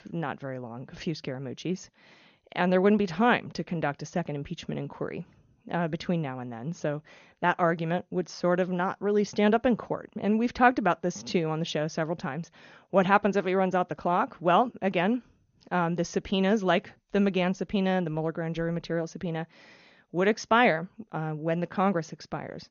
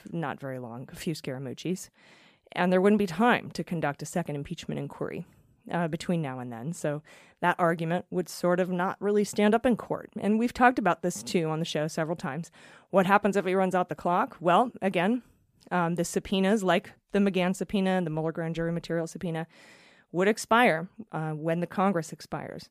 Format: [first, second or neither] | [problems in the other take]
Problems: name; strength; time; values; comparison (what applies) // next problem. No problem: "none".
second | garbled, watery; slightly; nothing above 6.5 kHz